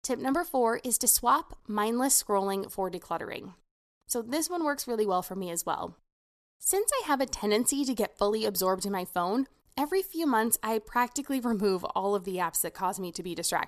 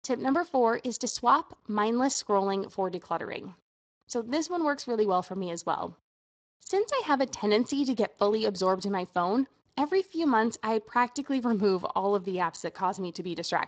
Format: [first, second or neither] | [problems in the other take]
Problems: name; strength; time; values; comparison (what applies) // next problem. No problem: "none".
first | garbled, watery; slightly; nothing above 7.5 kHz